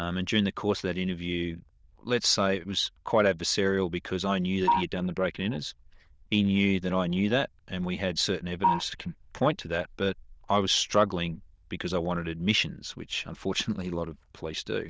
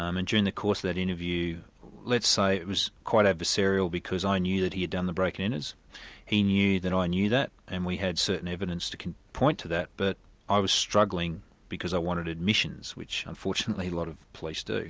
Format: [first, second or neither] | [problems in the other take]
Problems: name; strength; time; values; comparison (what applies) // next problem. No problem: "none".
second | noise reduction (neural diffusion model UNIVERSE++)